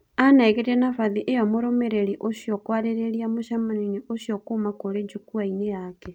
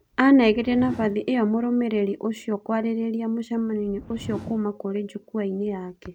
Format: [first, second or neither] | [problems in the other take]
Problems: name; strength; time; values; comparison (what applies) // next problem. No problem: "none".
first | background sound (Whoosh, swoosh, swish); 18 dB below the speech